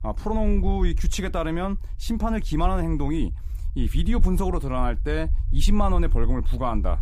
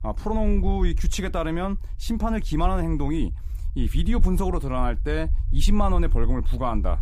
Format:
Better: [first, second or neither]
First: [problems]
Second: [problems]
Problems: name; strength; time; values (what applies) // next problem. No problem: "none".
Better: neither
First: low rumble; faint; throughout; 20 dB below the speech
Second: low rumble; faint; throughout; 20 dB below the speech